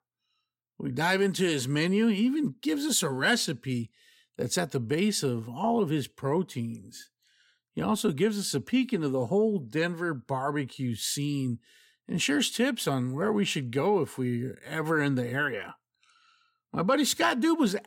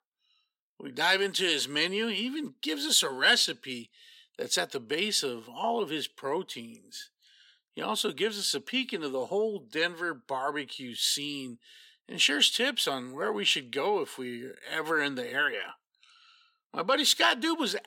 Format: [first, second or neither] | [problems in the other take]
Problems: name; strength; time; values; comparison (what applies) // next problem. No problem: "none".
first | thin; somewhat; fading below 400 Hz